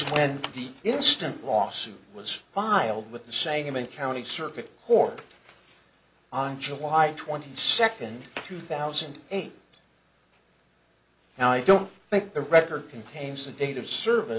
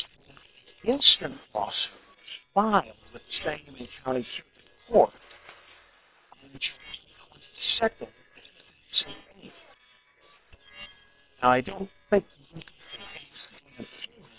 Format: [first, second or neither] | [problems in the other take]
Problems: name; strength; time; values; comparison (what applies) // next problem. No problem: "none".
first | noise reduction (neural separator model SepFormer WHAM!)